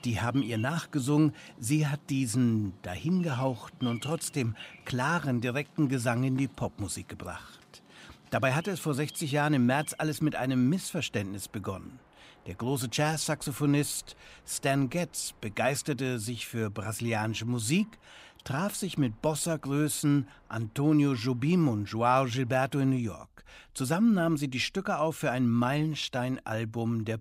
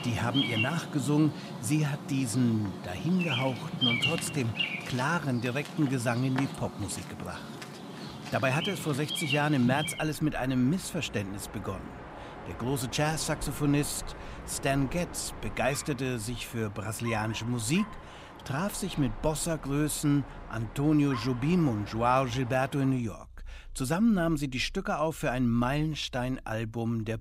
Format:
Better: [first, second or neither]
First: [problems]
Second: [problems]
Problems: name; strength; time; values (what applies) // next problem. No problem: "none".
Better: first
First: animal sounds; faint; throughout; 25 dB below the speech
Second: animal sounds; loud; throughout; 8 dB below the speech